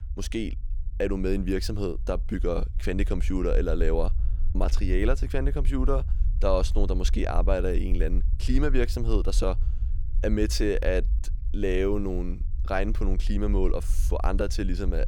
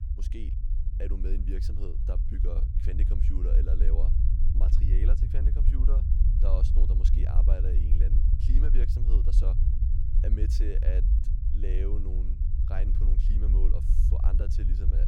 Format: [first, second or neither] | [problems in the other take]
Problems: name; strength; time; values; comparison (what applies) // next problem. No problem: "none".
first | low rumble; loud; throughout; 2 dB below the speech; faint in the first